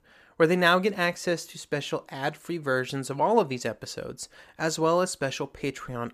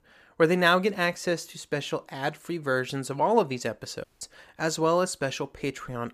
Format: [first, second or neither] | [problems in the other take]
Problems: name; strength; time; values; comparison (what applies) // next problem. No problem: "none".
first | audio cutting out; at 4 s